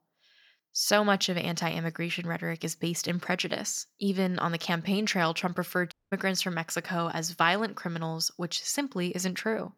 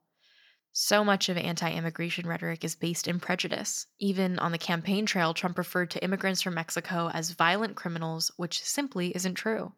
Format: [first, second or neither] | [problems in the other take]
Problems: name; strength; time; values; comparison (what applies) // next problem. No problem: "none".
second | audio cutting out; at 6 s